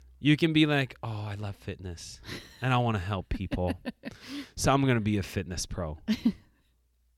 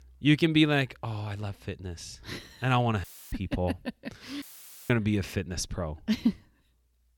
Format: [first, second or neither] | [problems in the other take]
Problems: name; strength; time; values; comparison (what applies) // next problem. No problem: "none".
first | audio cutting out; filled with static; at 3 s and at 4.5 s